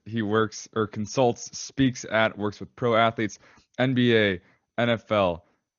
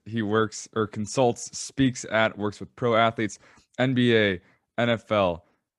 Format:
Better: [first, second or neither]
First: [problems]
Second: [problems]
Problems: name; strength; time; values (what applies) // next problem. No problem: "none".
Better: second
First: garbled, watery; slightly; nothing above 6.5 kHz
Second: none